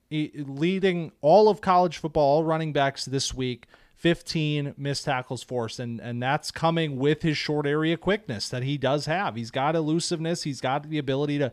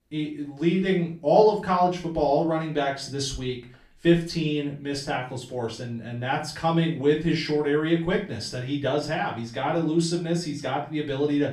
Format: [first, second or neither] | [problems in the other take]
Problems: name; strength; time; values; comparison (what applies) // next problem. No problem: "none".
first | off-mic speech; far // room echo; slight; dies away in 0.3 s